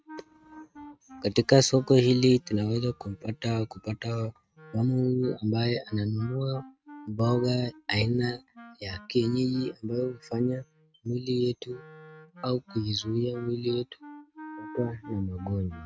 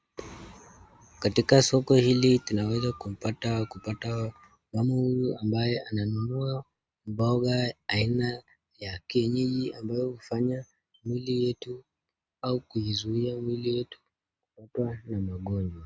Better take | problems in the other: second | noise reduction (neural mask model RNNoise)

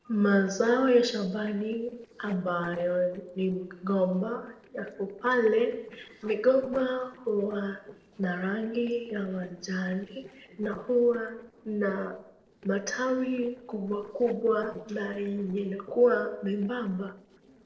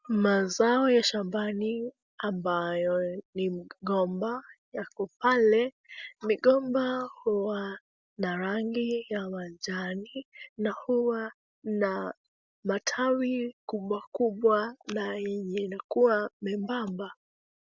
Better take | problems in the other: second | noise reduction (neural separator model SepFormer DNS4)

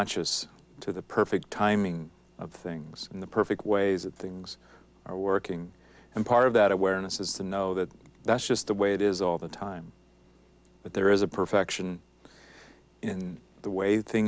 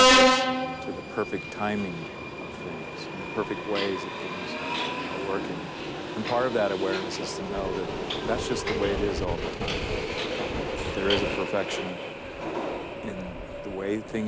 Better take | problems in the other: first | background sound (Subway, metro, underground); 4 dB above the speech

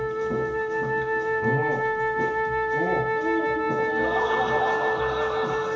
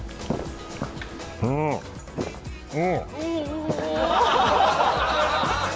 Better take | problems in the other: second | background sound (Wind instrument, woodwind instrument); 5 dB above the speech // room echo; dies away in 0.7 s

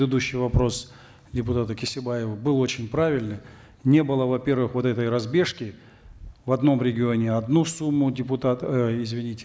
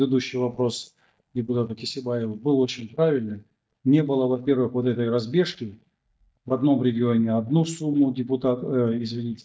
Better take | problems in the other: first | noise reduction (neural mask model DeepFilterNet 3)

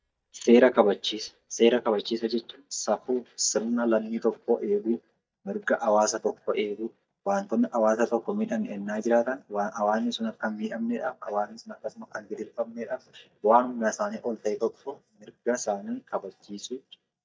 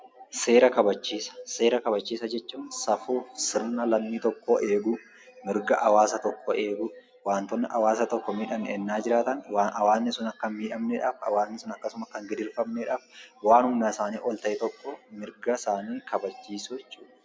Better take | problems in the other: second | noise reduction (neural mask model DeepFilterNet 3)

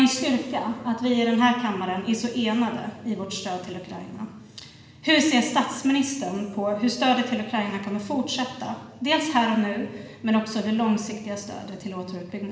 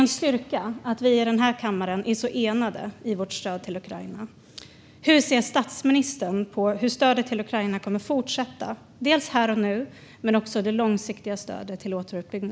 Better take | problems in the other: second | room echo; dies away in 1.1 s

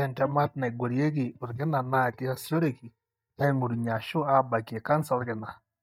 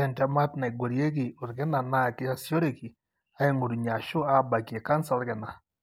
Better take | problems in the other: second | noise reduction (neural mask model DeepFilterNet 3)

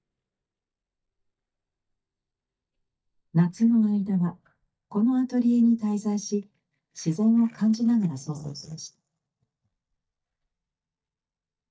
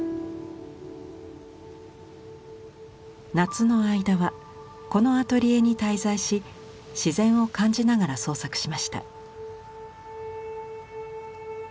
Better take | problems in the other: second | noise reduction (neural mask model DeepFilterNet 3)

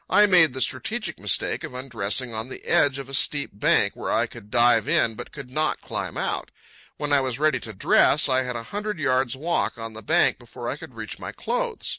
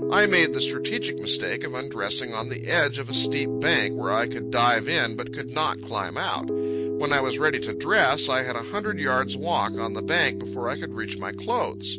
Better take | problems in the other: first | background sound (Piano); 4 dB below the speech

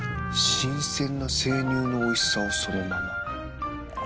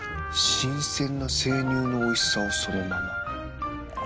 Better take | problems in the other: second | background sound (Drum); 14 dB below the speech

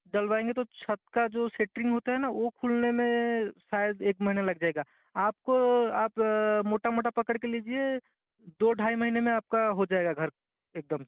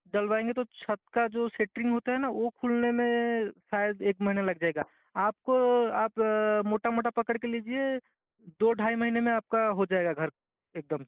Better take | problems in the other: first | noise reduction (neural mask model Resemble Enhance denoiser)

